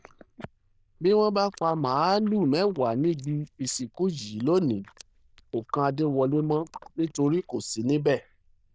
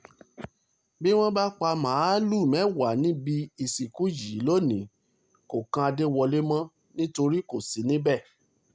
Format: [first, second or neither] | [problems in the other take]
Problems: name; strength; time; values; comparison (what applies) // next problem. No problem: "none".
second | noise reduction (neural diffusion model UNIVERSE++)